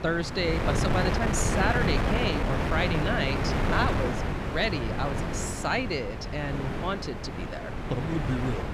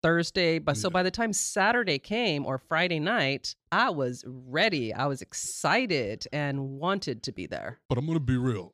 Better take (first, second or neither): second